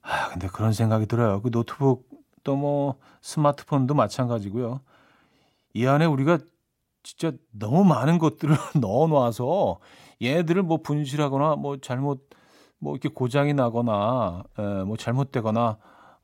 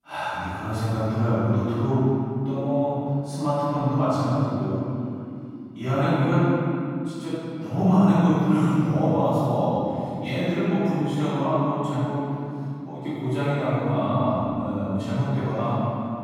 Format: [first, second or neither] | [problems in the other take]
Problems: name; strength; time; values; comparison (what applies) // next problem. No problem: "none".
first | room echo; strong; dies away in 2.8 s // off-mic speech; far